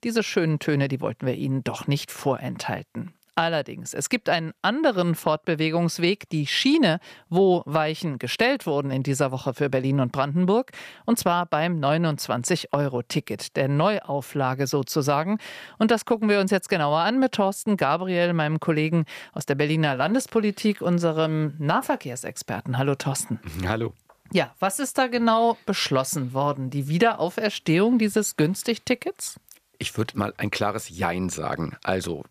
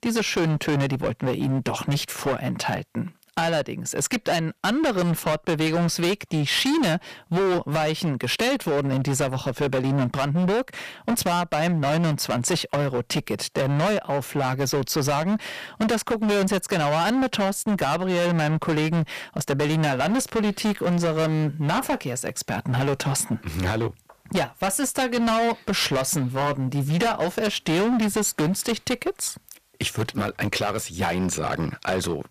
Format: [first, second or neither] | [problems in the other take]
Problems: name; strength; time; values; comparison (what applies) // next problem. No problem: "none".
first | distortion; heavy; 21% of the sound clipped